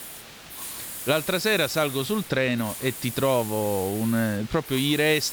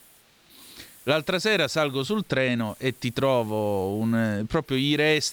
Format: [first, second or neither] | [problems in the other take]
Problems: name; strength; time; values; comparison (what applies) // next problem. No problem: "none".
second | hiss; loud; throughout; 10 dB below the speech; faint in the second